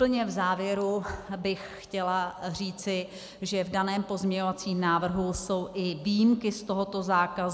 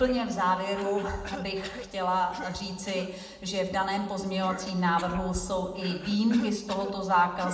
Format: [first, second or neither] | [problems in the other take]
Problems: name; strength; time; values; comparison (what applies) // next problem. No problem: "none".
first | background sound (Cough); 16 dB below the speech // room echo; dies away in 0.7 s